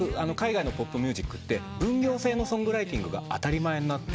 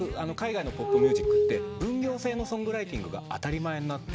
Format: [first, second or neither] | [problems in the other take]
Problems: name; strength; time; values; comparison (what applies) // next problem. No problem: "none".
first | background sound (Glass); 5 dB above the speech